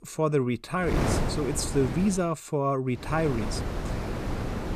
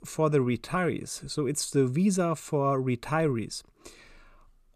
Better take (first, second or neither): second